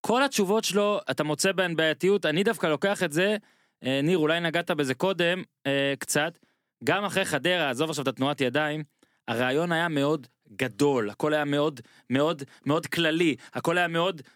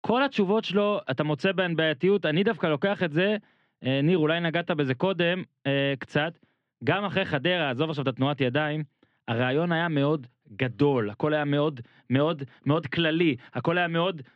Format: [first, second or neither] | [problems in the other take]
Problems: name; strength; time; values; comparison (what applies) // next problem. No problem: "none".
first | muffled; very; fading above 3 kHz